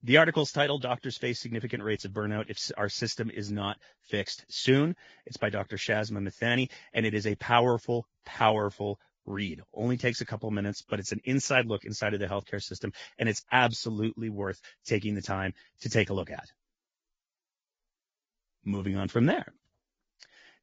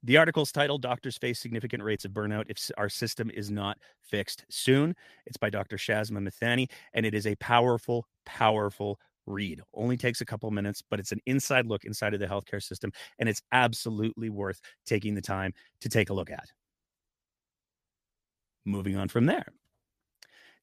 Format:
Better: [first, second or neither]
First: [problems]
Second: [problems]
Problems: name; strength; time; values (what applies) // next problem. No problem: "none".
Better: second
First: garbled, watery; badly; nothing above 7.5 kHz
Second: none